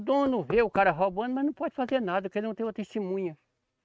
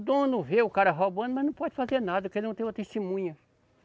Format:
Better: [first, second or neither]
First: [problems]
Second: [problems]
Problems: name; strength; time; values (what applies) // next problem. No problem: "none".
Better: second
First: noise reduction (neural mask model RNNoise)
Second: none